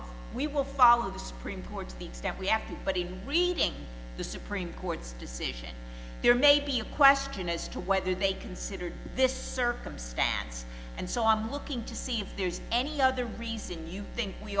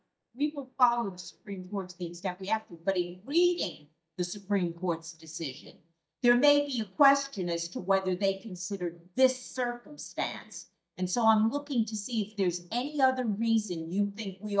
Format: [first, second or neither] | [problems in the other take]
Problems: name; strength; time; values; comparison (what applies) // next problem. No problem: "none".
first | noise reduction (neural mask model DeepFilterNet 3)